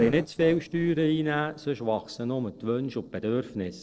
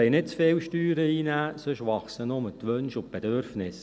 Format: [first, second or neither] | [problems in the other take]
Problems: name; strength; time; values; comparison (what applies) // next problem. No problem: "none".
second | noise reduction (neural separator model SepFormer DNS4)